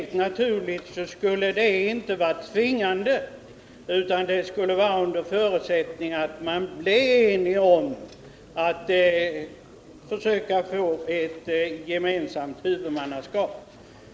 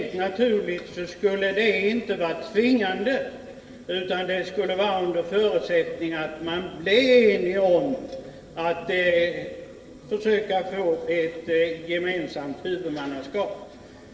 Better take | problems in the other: first | room echo; dies away in 1.7 s

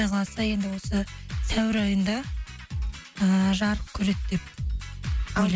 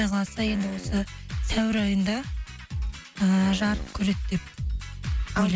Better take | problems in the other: first | background sound (Fart); 16 dB below the speech

